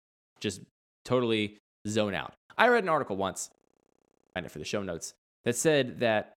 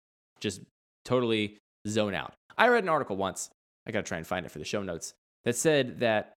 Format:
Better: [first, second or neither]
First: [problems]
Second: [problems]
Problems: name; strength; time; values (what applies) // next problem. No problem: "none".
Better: second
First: audio freezing; at 3.5 s for 1 s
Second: none